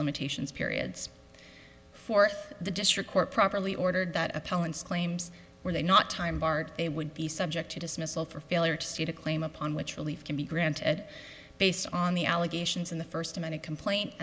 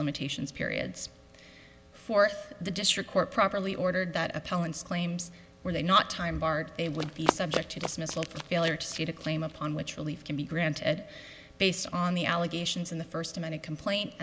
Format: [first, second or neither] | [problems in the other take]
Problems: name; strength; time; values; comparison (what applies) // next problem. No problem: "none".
first | background sound (Run); 5 dB below the speech